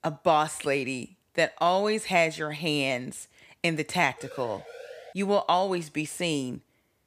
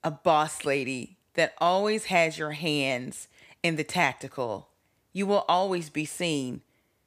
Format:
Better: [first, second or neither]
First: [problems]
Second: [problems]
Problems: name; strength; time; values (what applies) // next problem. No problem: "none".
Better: second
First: siren; faint; at 4 s; peak 15 dB below the speech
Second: none